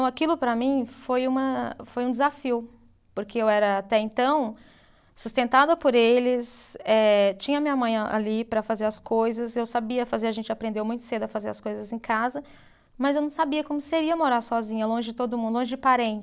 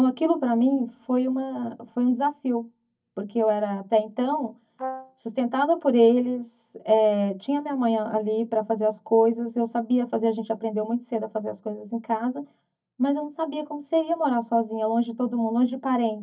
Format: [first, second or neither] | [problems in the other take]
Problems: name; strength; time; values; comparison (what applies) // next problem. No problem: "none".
first | noise reduction (neural mask model DeepFilterNet 3)